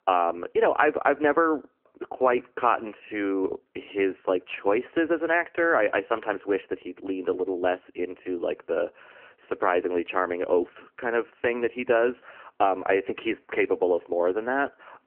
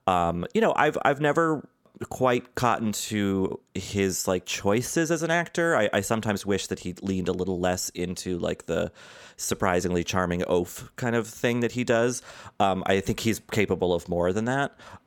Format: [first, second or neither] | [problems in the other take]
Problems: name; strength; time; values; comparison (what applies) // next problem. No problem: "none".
second | phone-call audio; poor line; nothing above 3 kHz